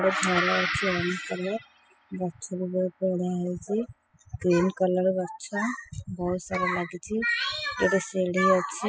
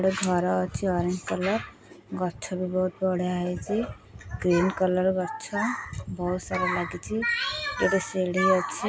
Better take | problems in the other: second | noise reduction (classical method spectral subtraction)

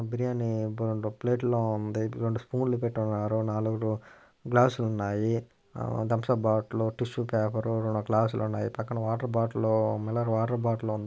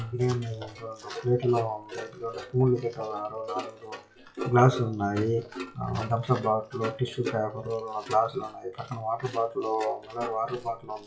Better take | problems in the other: first | noise reduction (classical method WPE with log-MMSE)

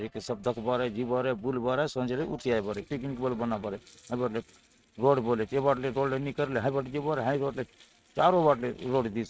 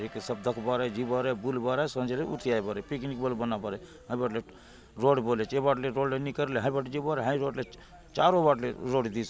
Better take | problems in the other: second | noise reduction (neural mask model RNNoise)

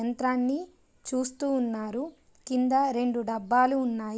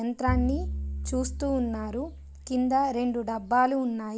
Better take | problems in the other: first | background sound (Bowed string instrument); 6 dB below the speech

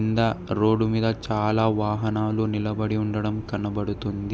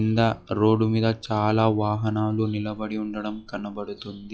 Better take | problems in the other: first | noise reduction (classical method log-MMSE)

